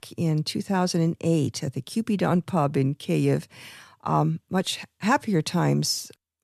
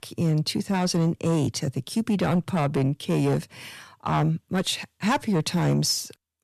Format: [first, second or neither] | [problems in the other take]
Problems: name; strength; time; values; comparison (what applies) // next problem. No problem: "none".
first | distortion; slight; 10 dB below the speech